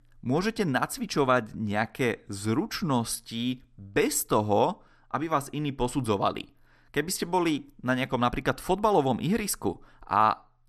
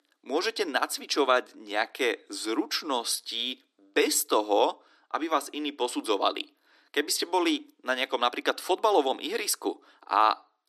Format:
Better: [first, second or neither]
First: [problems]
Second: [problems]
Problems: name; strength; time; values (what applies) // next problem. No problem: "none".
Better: first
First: none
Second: thin; somewhat; fading below 300 Hz